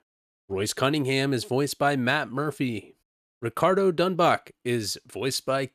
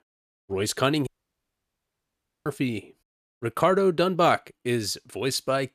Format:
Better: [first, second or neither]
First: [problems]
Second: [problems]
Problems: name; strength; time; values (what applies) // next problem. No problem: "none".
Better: first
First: none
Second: audio cutting out; at 1 s for 1.5 s